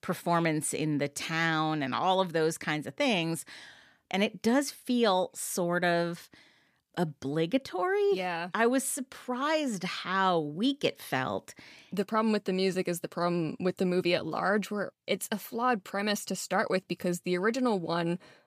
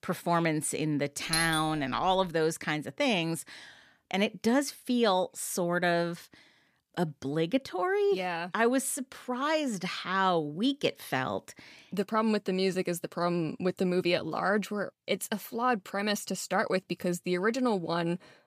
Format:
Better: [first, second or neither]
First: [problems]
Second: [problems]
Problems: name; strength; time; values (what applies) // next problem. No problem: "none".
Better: first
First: none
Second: doorbell; noticeable; at 1.5 s; peak 1 dB below the speech